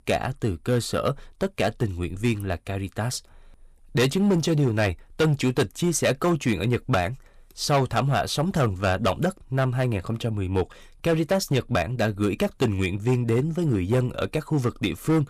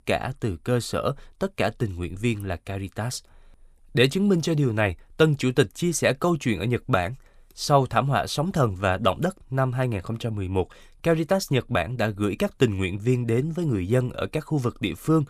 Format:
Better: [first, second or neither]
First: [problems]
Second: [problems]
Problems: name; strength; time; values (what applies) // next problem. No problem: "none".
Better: second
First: distortion; slight; 6% of the sound clipped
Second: none